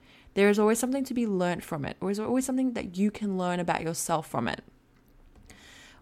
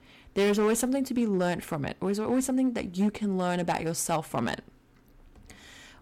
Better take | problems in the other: first | distortion; slight; 5% of the sound clipped

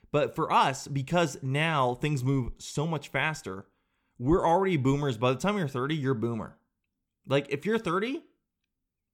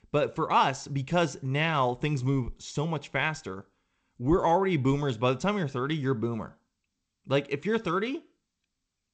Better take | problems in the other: first | garbled, watery; slightly; nothing above 8 kHz

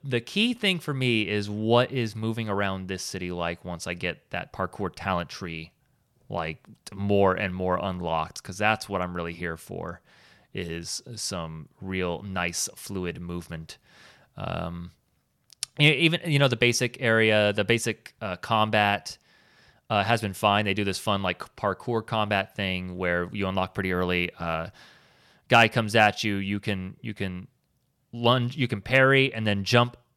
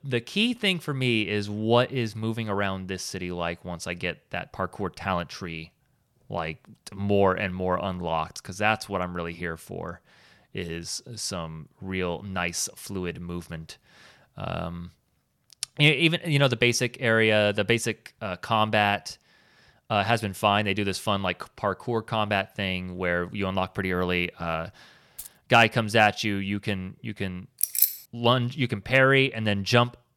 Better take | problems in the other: first | jangling keys; faint; at 25 s; peak 15 dB below the speech // jangling keys; loud; at 28 s; peak 4 dB above the speech

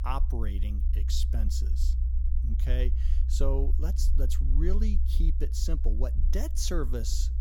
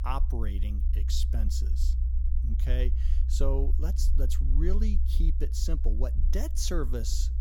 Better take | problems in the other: neither | low rumble; noticeable; throughout; 10 dB below the speech; the same in both

